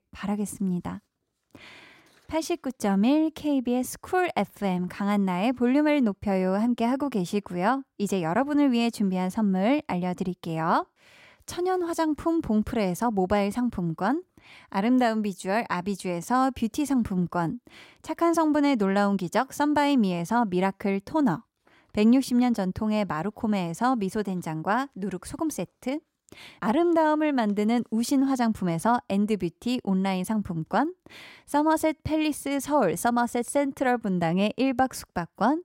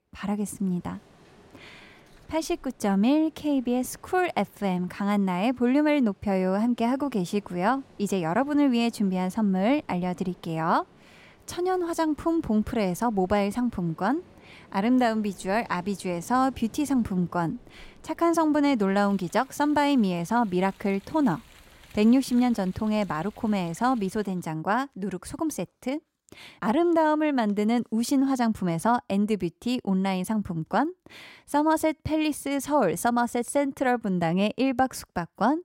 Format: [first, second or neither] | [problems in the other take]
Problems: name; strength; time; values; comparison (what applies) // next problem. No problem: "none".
first | rain or running water; faint; until 24 s; 30 dB below the speech